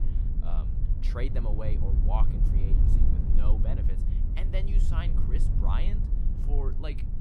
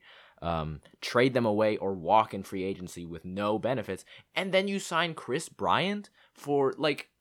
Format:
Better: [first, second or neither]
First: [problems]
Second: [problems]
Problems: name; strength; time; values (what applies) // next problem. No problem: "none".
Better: second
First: low rumble; loud; throughout; 4 dB below the speech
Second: none